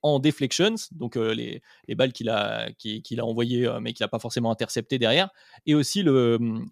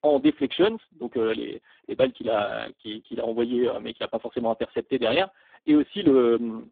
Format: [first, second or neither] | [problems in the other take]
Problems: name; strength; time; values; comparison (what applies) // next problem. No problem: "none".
first | phone-call audio; poor line